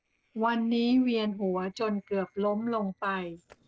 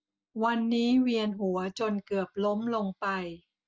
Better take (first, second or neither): second